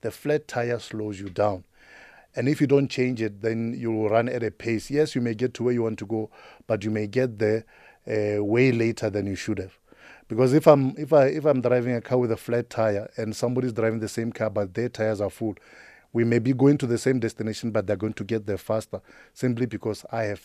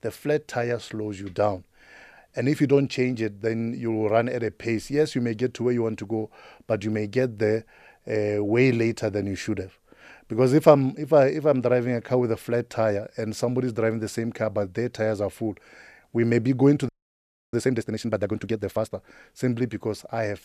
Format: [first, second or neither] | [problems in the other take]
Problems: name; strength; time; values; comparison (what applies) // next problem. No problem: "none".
first | audio freezing; at 17 s for 0.5 s